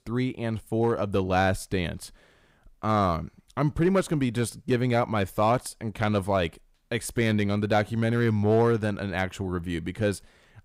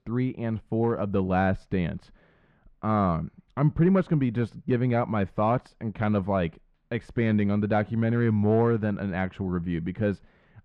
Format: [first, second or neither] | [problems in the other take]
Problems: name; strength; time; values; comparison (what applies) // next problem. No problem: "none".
first | muffled; very; fading above 2 kHz